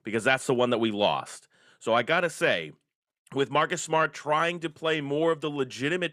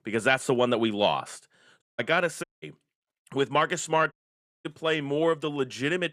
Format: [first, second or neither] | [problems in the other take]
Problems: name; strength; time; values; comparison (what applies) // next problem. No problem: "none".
first | audio cutting out; at 2 s, at 2.5 s and at 4 s for 0.5 s